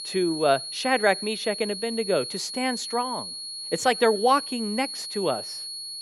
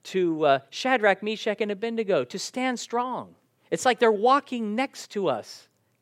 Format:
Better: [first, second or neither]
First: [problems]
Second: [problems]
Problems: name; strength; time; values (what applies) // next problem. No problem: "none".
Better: second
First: high-pitched whine; loud; throughout; 4.5 kHz, 7 dB below the speech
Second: none